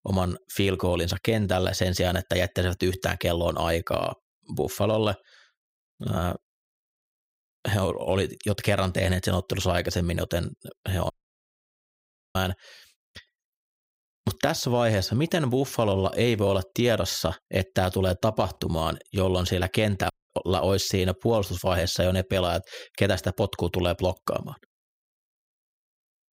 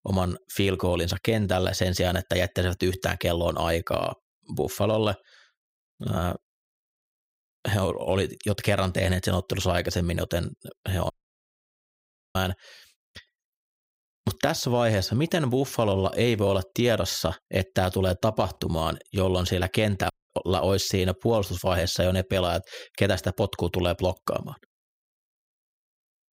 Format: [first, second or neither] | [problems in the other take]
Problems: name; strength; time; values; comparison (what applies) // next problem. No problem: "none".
neither | audio cutting out; at 11 s for 1.5 s and at 20 s; the same in both